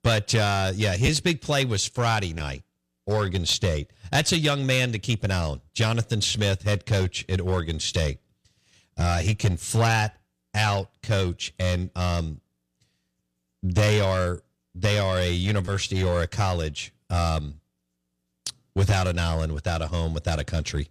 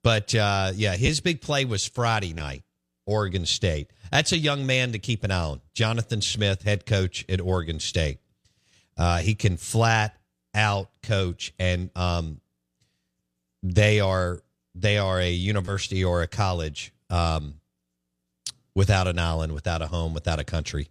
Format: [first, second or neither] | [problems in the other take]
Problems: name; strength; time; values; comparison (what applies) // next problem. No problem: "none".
second | distortion; slight; 4% of the sound clipped